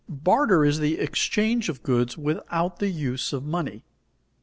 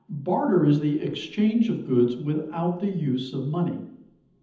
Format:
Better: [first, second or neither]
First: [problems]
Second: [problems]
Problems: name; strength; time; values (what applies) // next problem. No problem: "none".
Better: first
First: none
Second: room echo; dies away in 0.8 s